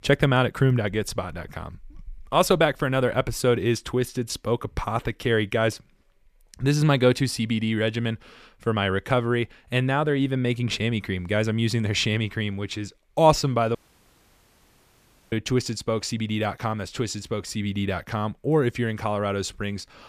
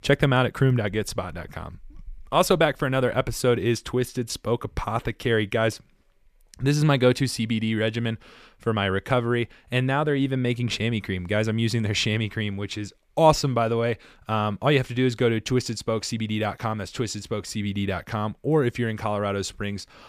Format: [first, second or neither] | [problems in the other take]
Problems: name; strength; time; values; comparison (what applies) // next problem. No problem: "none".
second | audio cutting out; at 14 s for 1.5 s